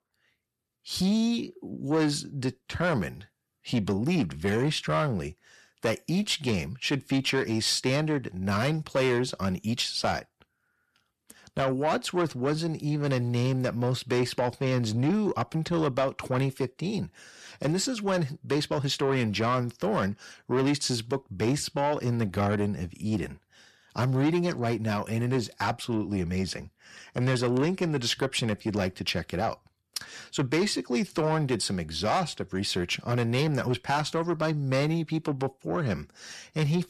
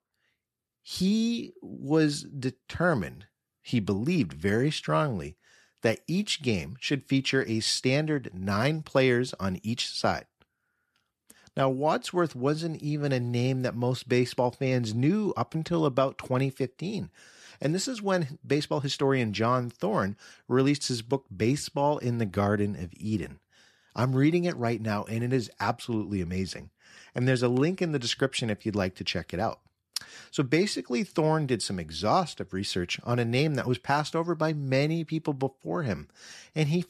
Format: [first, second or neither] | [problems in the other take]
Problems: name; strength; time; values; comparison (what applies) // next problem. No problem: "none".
second | distortion; slight; 10 dB below the speech